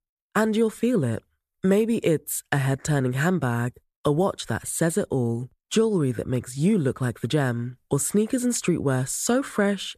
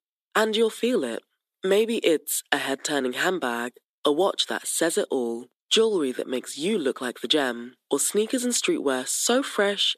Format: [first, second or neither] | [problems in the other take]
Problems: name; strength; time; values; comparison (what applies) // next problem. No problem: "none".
first | thin; somewhat; fading below 250 Hz